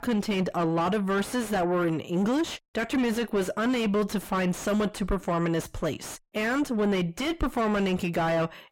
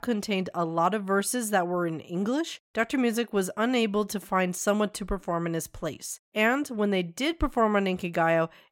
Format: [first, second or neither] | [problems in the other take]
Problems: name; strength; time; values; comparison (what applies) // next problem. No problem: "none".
second | distortion; heavy; 5 dB below the speech